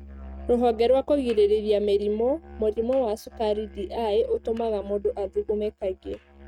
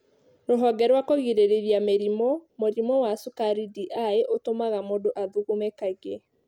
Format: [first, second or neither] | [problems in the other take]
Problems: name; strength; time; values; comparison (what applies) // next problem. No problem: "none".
second | noise reduction (neural mask model RNNoise)